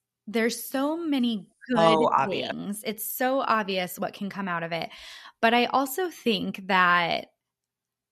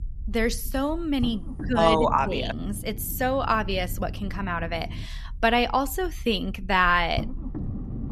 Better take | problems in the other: first | low rumble; faint; throughout; 20 dB below the speech

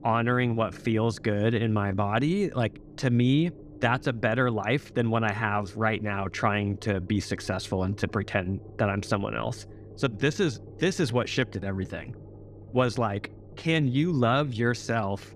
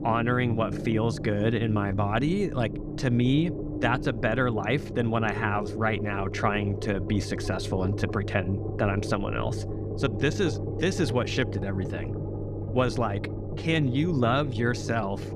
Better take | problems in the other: first | low rumble; loud; throughout; 9 dB below the speech; faint in the first

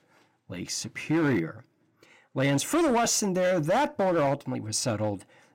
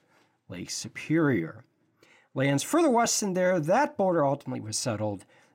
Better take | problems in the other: second | distortion; slight; 9% of the sound clipped

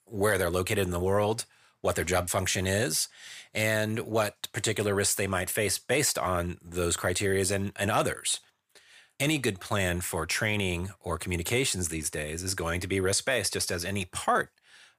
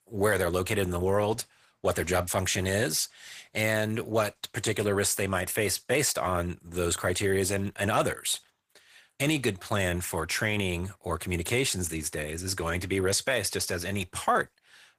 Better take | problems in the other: first | garbled, watery; slightly; nothing above 15 kHz

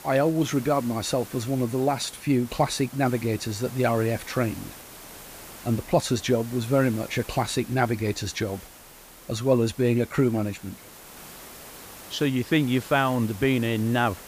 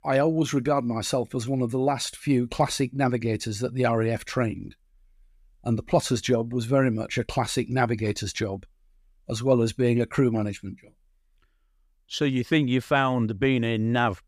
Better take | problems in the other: second | hiss; noticeable; throughout; 15 dB below the speech

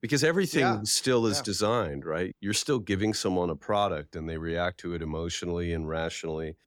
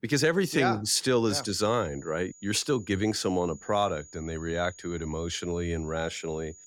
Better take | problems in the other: first | high-pitched whine; faint; from 1.5 s on; 7 kHz, 20 dB below the speech

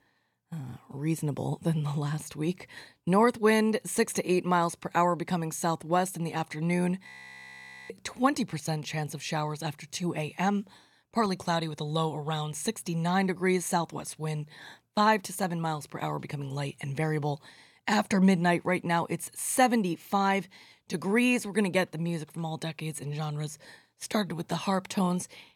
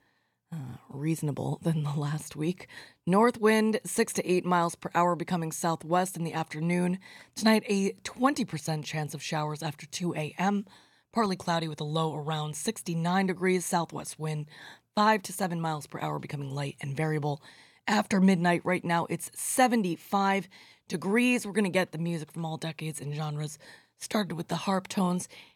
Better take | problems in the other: second | audio freezing; at 7 s for 1 s

